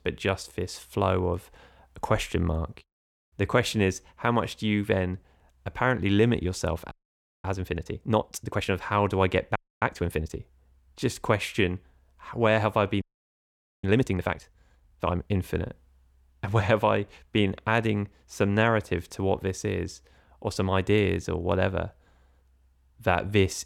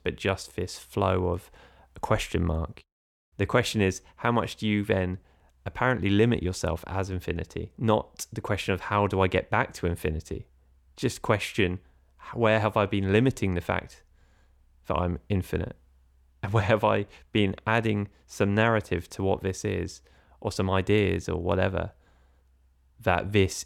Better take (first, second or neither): second